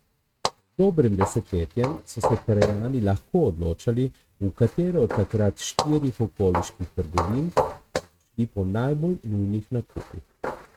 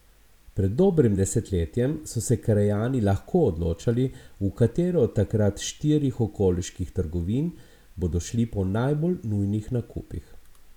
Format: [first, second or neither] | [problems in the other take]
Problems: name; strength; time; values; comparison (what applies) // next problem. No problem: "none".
second | noise reduction (neural mask model RNNoise)